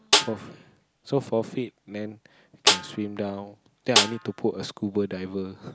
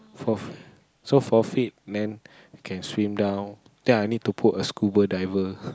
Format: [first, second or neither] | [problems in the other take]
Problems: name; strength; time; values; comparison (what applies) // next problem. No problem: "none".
second | background sound (Snare drum); 3 dB above the speech